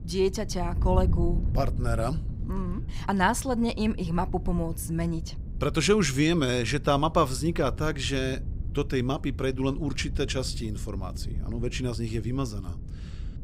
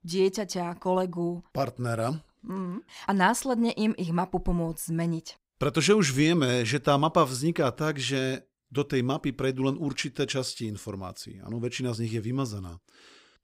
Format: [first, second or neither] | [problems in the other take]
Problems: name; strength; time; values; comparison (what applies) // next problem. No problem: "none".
second | wind noise on the microphone; occasional gusts; 20 dB below the speech